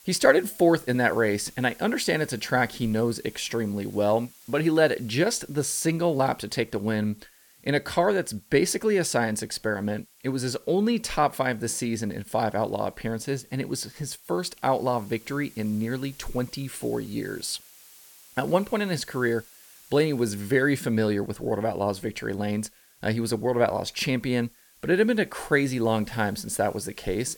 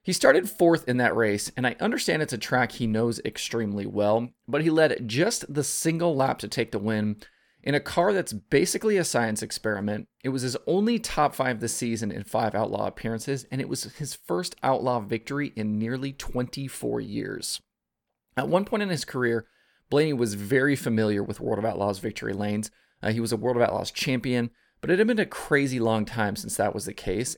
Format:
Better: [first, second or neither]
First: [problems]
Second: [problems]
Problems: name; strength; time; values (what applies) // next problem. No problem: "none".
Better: second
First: hiss; faint; throughout; 25 dB below the speech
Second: none